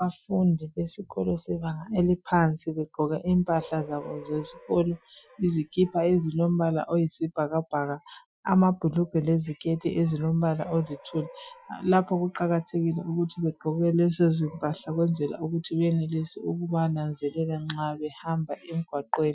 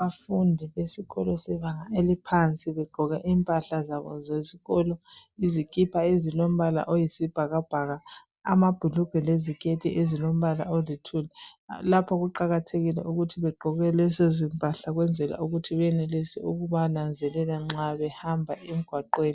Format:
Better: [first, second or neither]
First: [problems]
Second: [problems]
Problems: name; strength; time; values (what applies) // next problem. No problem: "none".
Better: second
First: noise reduction (classical method Wiener filter)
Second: none